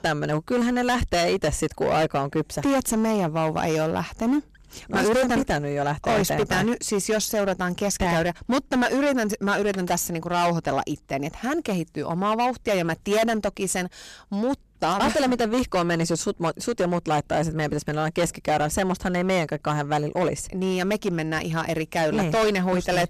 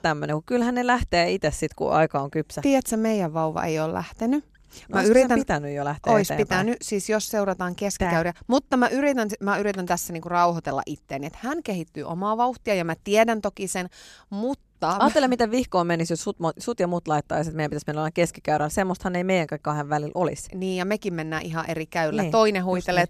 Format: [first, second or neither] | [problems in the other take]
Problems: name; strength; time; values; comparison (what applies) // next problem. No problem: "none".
second | distortion; heavy; 14% of the sound clipped